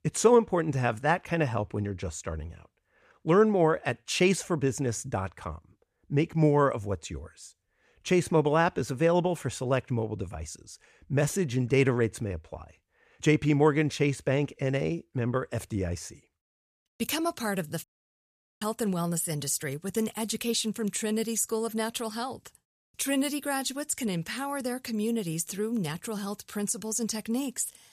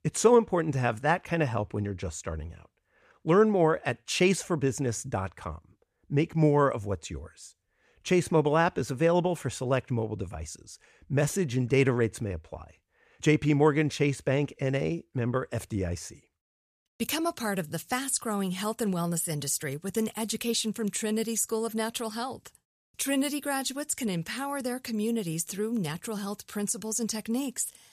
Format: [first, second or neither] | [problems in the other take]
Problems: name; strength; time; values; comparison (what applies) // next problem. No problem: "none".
second | audio cutting out; at 18 s for 1 s